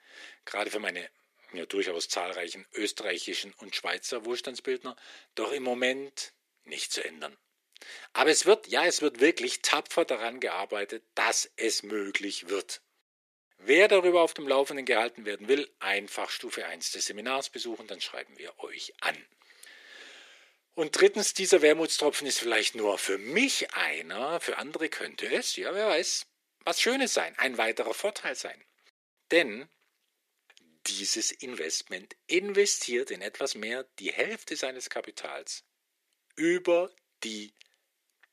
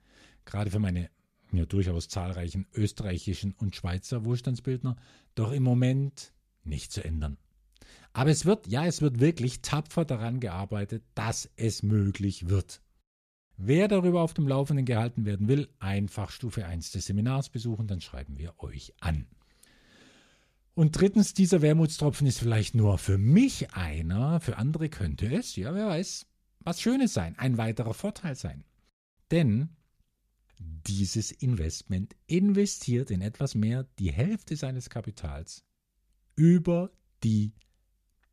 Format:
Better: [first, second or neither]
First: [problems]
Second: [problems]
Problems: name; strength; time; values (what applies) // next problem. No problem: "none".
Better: second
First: thin; very; fading below 350 Hz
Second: none